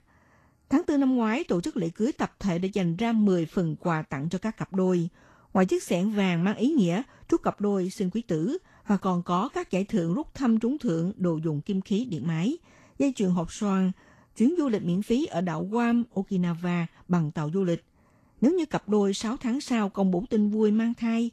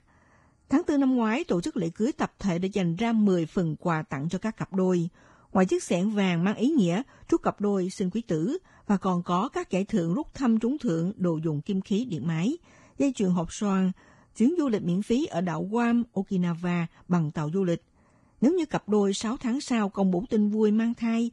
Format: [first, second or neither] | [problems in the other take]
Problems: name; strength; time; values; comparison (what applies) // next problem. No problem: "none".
first | garbled, watery; badly; slightly in the first